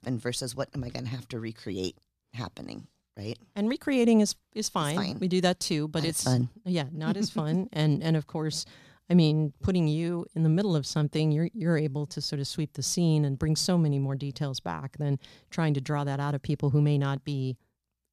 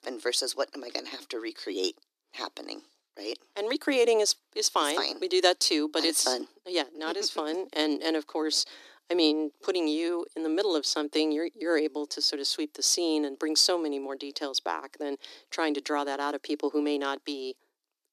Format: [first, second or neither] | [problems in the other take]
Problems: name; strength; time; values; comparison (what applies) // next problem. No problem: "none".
first | thin; very; fading below 300 Hz